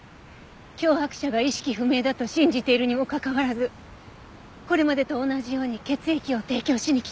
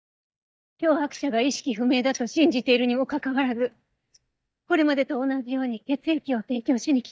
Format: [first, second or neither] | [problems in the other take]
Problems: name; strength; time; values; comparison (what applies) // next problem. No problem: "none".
first | noise reduction (neural mask model DeepFilterNet 3)